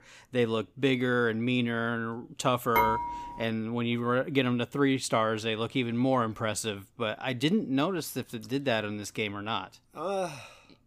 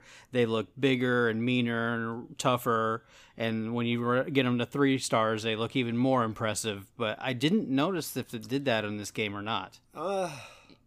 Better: second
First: clattering dishes; loud; at 3 s; peak 2 dB above the speech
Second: none

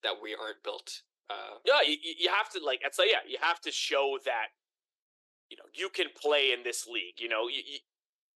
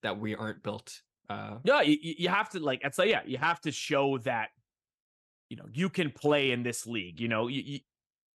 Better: second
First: thin; very; fading below 350 Hz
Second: none

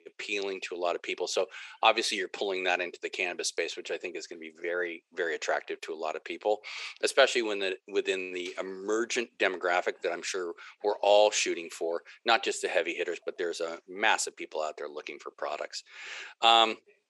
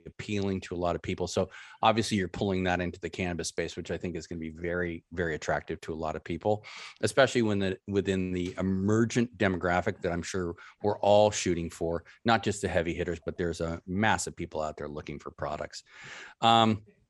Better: second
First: thin; very; fading below 400 Hz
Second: none

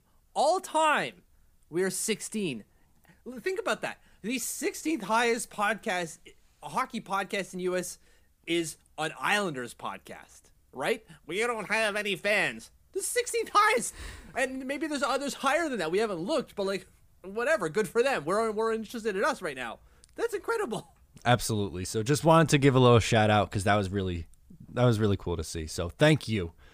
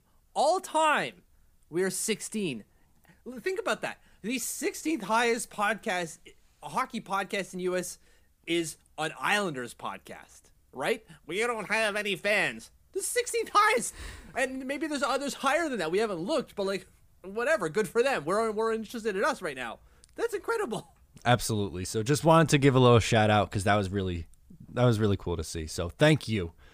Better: neither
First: none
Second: none

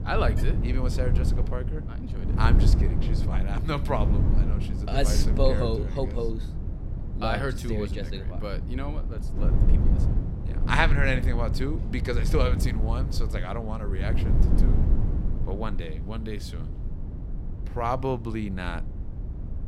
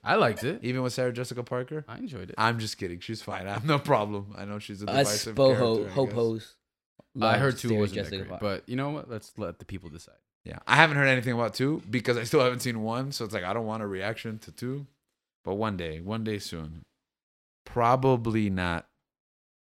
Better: second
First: wind noise on the microphone; heavy; 10 dB below the speech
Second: none

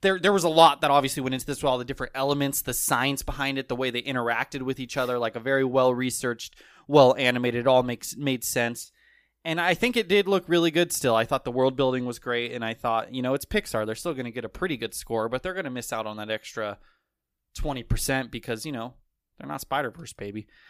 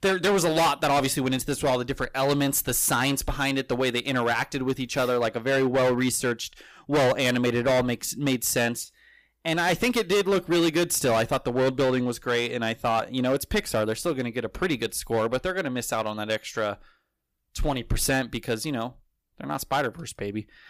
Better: first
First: none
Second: distortion; heavy; 10% of the sound clipped

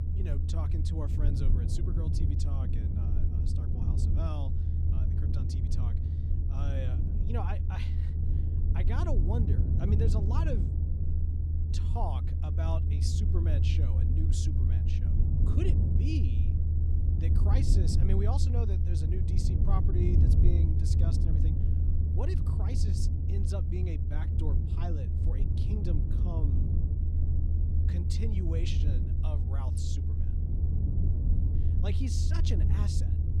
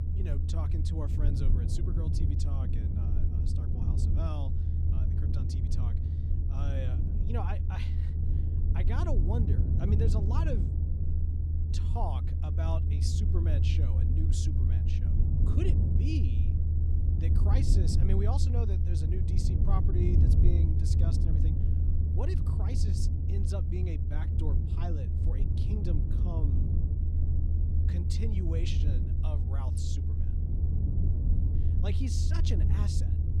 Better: neither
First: low rumble; loud; throughout; as loud as the speech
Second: low rumble; loud; throughout; as loud as the speech

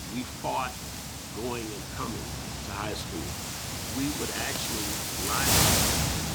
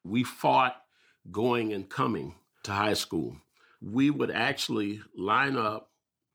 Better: second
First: wind noise on the microphone; heavy; 5 dB above the speech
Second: none

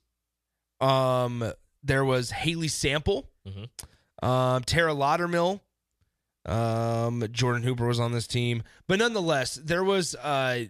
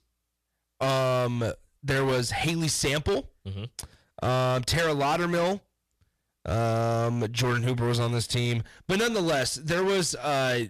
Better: first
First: none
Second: distortion; heavy; 19% of the sound clipped

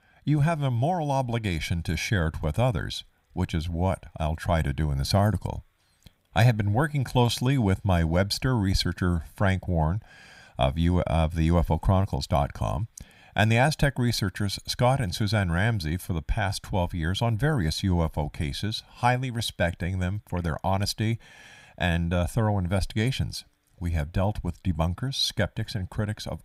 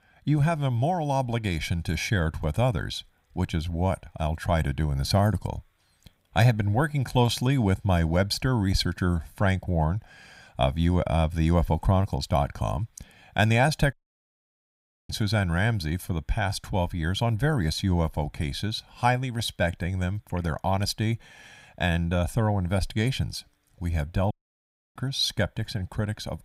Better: first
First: none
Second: audio cutting out; at 14 s for 1 s and at 24 s for 0.5 s

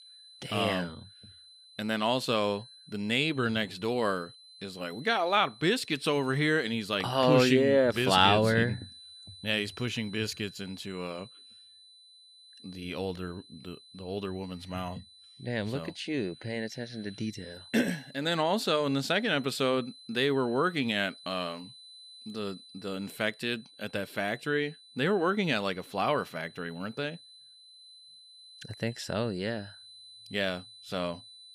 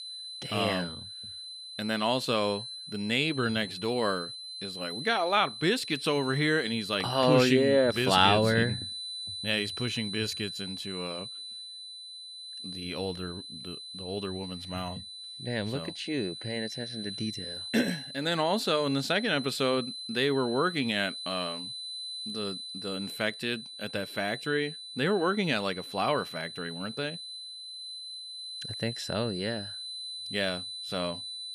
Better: first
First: high-pitched whine; faint; throughout; 4 kHz, 20 dB below the speech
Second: high-pitched whine; loud; throughout; 4 kHz, 8 dB below the speech

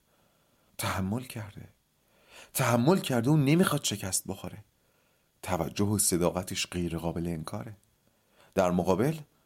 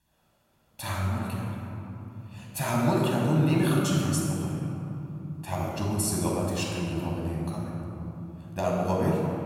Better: first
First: none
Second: off-mic speech; far // room echo; strong; dies away in 3 s

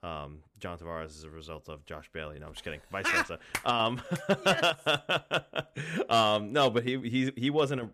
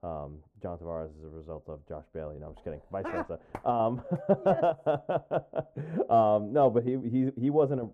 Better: first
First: none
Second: muffled; very; fading above 1.5 kHz

